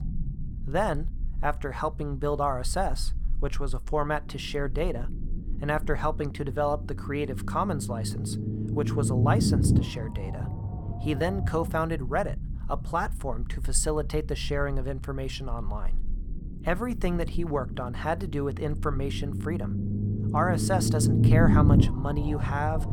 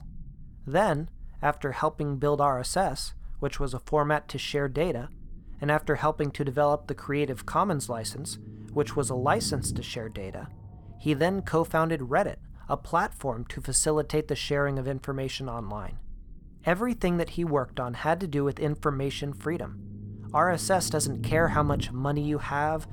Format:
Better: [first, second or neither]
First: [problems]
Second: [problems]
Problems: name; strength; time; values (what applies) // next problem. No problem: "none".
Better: second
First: low rumble; loud; throughout; 7 dB below the speech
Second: low rumble; faint; throughout; 20 dB below the speech